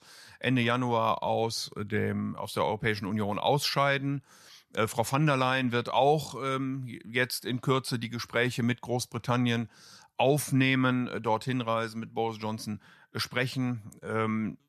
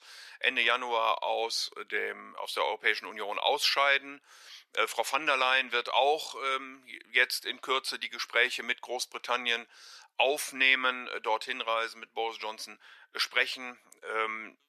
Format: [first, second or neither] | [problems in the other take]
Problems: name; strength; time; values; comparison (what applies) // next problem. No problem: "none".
first | thin; very; fading below 400 Hz